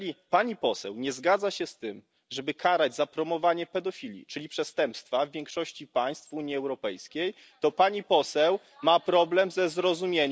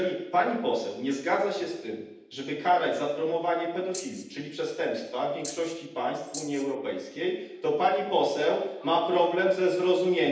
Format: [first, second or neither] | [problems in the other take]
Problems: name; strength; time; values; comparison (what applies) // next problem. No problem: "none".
first | background sound (Rattle (instrument)); 14 dB below the speech // room echo; dies away in 0.9 s